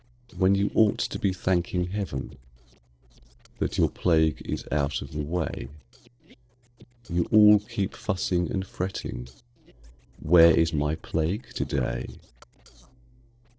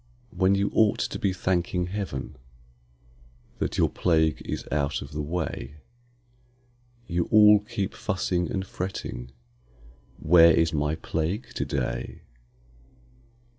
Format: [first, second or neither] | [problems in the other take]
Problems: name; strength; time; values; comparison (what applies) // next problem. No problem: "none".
second | noise reduction (neural separator model SepFormer DNS4)